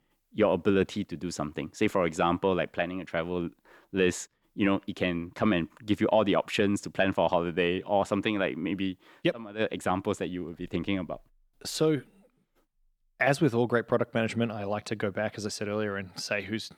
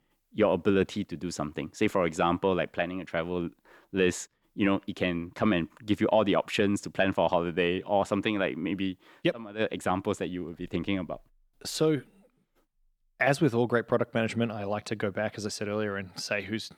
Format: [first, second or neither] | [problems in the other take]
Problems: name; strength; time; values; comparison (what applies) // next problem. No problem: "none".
neither | none